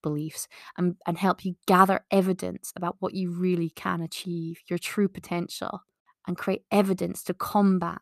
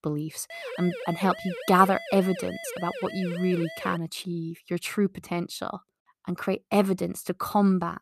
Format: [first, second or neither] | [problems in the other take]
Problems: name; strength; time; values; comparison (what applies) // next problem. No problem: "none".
first | siren; noticeable; until 4 s; peak 9 dB below the speech